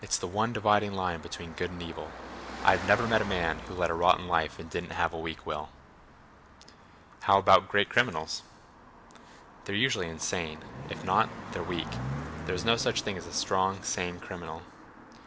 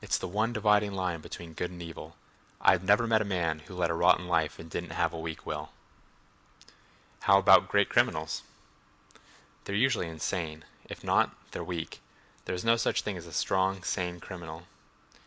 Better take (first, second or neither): second